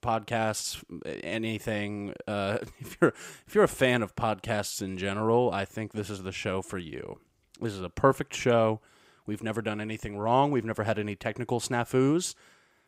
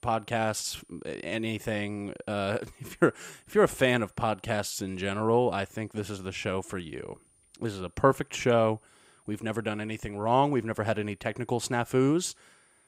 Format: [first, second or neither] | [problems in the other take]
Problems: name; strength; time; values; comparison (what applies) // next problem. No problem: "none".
first | high-pitched whine; faint; throughout; 9.5 kHz, 35 dB below the speech